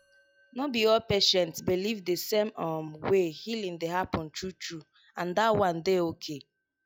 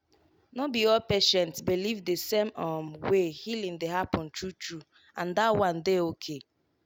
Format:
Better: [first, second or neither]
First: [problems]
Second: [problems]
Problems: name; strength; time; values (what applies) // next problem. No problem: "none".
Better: second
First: noise reduction (classical method log-MMSE)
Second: none